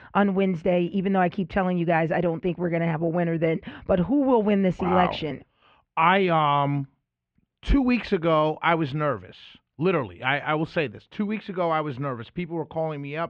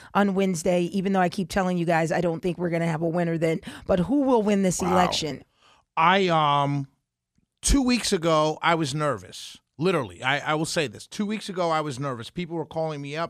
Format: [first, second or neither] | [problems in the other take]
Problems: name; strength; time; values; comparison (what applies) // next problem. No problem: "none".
second | muffled; very; fading above 2.5 kHz